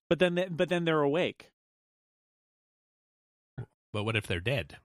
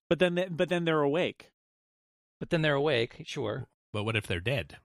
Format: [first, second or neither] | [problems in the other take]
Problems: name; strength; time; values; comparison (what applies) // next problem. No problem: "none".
second | audio freezing; at 2.5 s for 1.5 s